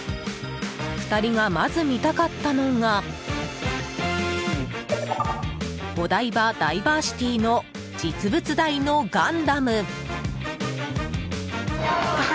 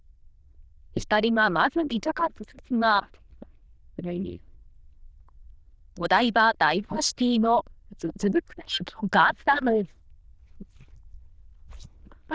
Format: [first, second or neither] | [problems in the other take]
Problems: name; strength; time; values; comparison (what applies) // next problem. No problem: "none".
first | noise reduction (neural diffusion model UNIVERSE++)